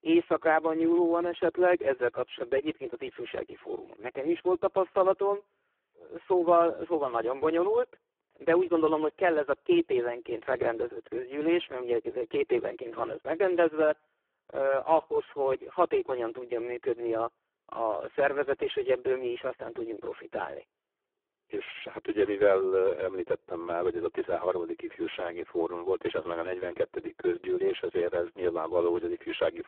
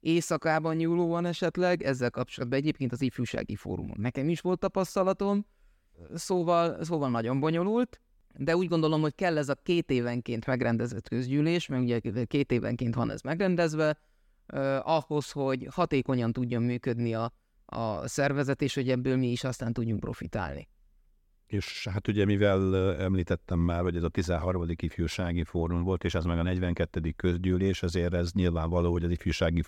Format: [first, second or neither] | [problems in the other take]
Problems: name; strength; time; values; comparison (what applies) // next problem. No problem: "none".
second | phone-call audio; poor line